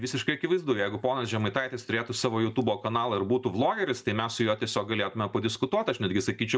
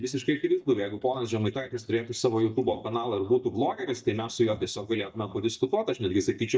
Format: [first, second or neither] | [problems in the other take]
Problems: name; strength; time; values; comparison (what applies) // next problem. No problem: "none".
first | noise reduction (neural mask model DeepFilterNet 3)